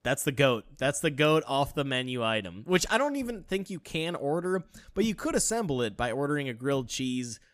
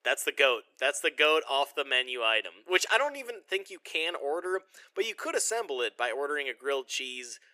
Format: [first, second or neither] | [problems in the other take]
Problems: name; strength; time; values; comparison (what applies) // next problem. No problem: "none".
first | thin; very; fading below 400 Hz